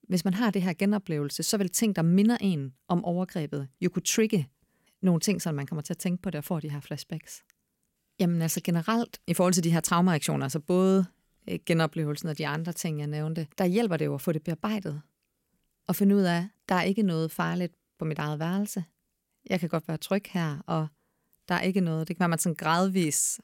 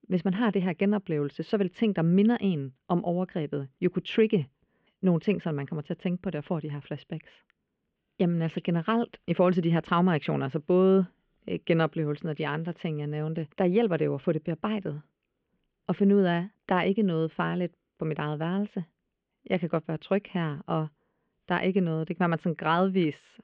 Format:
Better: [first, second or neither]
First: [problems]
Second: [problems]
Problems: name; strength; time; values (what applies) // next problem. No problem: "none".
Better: first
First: none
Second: muffled; very; fading above 3 kHz